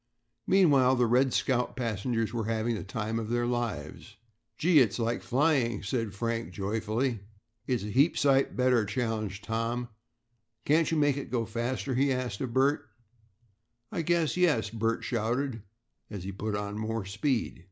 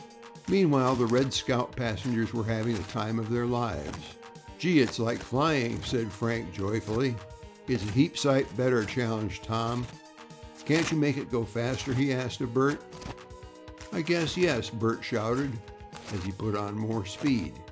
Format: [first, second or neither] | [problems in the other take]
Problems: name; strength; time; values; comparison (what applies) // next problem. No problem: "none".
first | background sound (Tearing + Piano / Organ); 15 dB below the speech